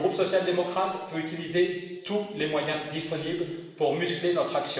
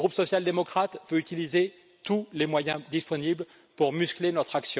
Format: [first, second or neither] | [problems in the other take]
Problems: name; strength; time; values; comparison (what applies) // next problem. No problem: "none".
second | room echo; dies away in 1.2 s